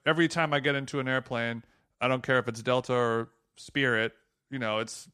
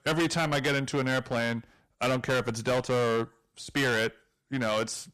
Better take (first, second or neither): first